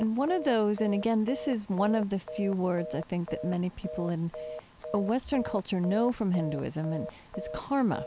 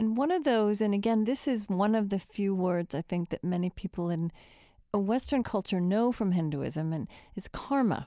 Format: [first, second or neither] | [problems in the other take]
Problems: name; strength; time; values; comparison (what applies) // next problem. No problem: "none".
second | background sound (Telephone); 11 dB below the speech